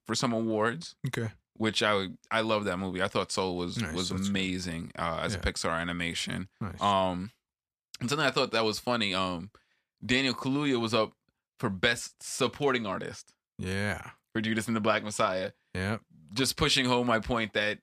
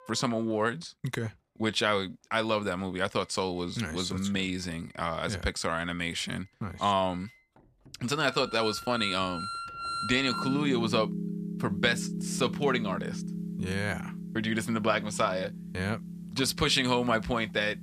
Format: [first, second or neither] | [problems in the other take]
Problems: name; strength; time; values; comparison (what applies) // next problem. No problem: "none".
first | background music; loud; throughout; 7 dB below the speech